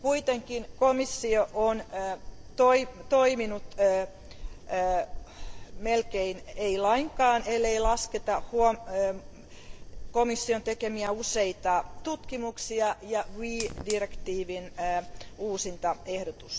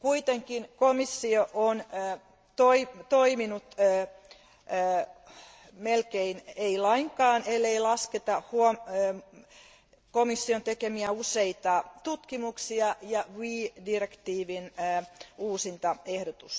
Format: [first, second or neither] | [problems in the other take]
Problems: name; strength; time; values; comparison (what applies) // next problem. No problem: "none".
second | background sound (Fire); 11 dB below the speech